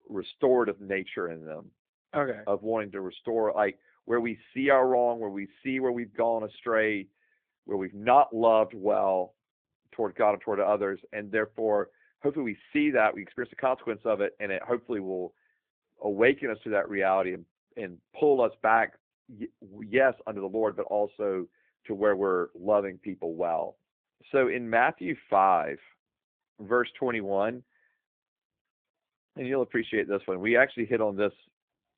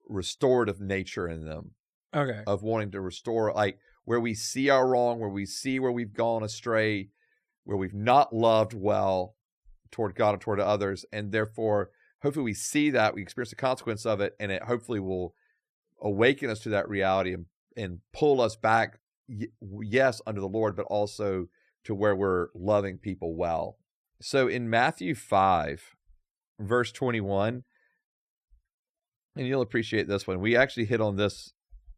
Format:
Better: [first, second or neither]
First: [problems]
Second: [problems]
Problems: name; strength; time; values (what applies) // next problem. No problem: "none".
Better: second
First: phone-call audio; nothing above 3.5 kHz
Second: none